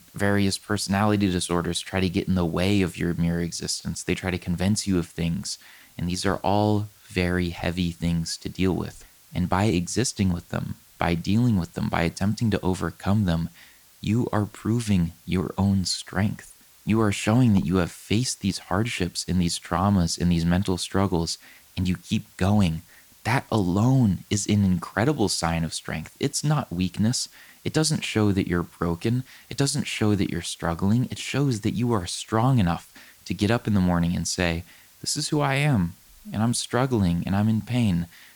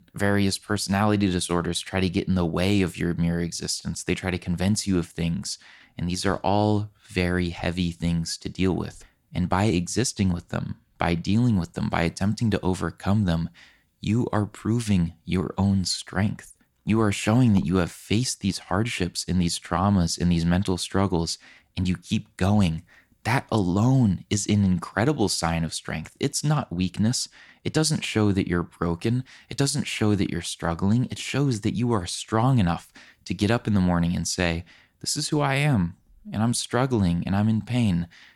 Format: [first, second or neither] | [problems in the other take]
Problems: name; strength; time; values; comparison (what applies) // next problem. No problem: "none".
second | hiss; faint; throughout; 25 dB below the speech